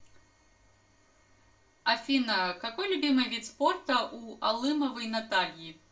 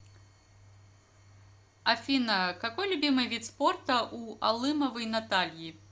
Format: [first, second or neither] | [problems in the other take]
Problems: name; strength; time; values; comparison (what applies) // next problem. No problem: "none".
second | room echo; dies away in 0.2 s